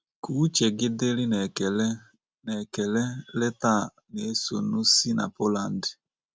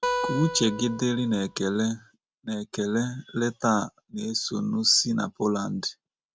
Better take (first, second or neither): first